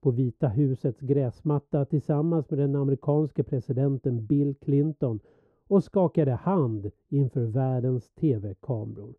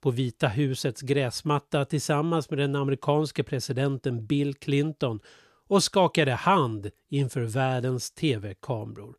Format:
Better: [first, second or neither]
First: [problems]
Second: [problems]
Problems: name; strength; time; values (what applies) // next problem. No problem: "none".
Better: second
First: muffled; very; fading above 1 kHz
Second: none